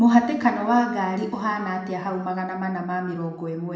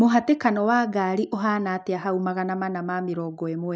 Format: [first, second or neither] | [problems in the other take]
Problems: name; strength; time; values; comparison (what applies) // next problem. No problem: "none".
second | room echo; dies away in 0.9 s